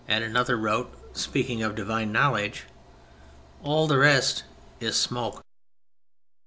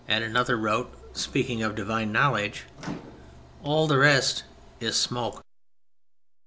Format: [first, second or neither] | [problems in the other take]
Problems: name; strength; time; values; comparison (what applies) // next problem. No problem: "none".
first | background sound (Microwave oven); 18 dB below the speech